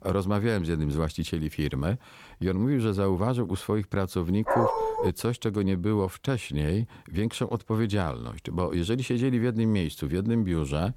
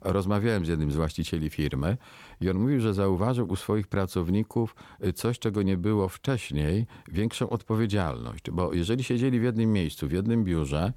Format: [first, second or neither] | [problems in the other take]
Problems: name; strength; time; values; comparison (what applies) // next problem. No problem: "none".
second | dog barking; loud; at 4.5 s; peak 3 dB above the speech